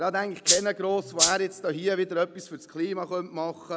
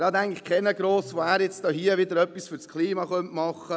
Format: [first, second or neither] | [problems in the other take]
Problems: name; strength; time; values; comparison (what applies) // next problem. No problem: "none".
second | background sound (Rattle (instrument)); 4 dB above the speech